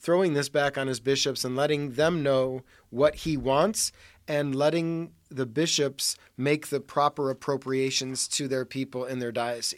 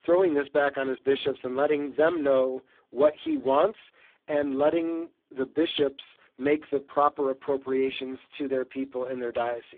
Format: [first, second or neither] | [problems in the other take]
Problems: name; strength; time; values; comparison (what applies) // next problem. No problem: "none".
first | phone-call audio; poor line; nothing above 3.5 kHz